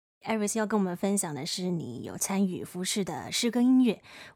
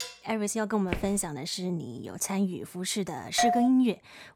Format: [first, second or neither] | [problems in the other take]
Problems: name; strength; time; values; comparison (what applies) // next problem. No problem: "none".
first | clattering dishes; faint; at the start; peak 10 dB below the speech // footsteps; noticeable; at 1 s; peak 7 dB below the speech // doorbell; loud; at 3.5 s; peak 3 dB above the speech